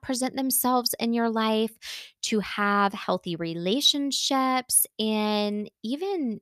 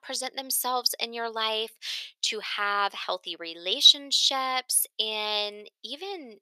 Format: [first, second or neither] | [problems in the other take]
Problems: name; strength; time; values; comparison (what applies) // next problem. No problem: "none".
first | thin; very; fading below 450 Hz